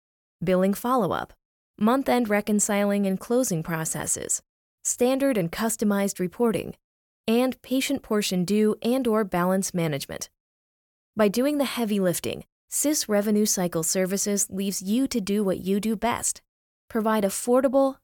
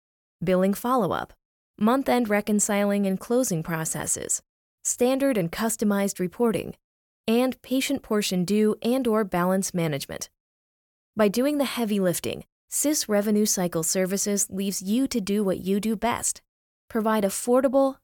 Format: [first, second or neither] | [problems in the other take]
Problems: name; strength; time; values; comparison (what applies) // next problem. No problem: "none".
neither | none